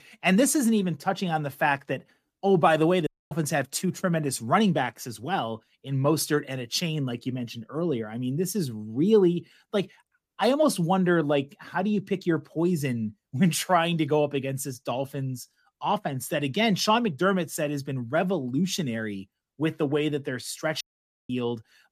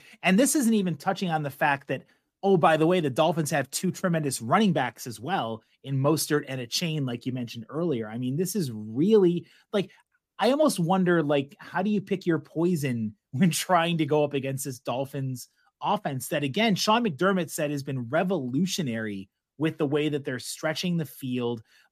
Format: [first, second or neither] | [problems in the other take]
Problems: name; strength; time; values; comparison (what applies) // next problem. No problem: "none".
second | audio cutting out; at 3 s and at 21 s